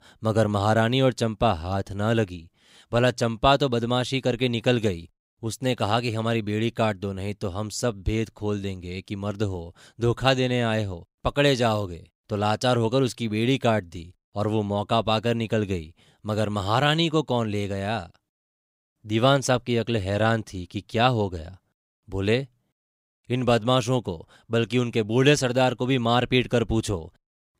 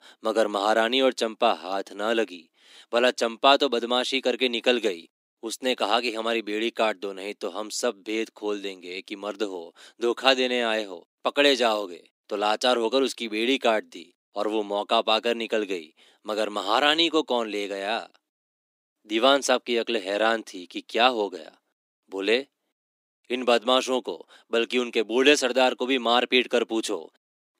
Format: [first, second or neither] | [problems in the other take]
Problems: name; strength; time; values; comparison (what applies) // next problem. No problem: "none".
first | thin; somewhat; fading below 250 Hz